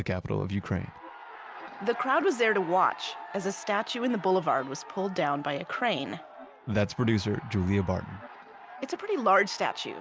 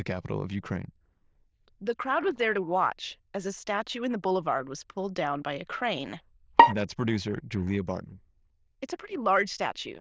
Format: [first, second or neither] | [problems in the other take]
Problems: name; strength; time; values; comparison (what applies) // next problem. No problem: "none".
first | noise reduction (neural diffusion model UNIVERSE++)